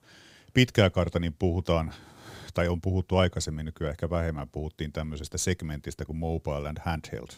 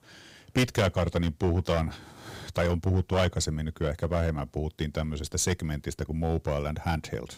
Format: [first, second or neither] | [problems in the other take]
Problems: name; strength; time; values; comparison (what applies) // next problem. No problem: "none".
first | distortion; heavy; 4% of the sound clipped